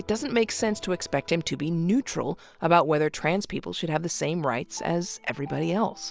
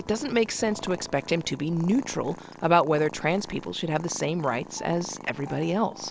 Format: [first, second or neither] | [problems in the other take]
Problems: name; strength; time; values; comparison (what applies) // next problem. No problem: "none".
first | background sound (Purr); 17 dB below the speech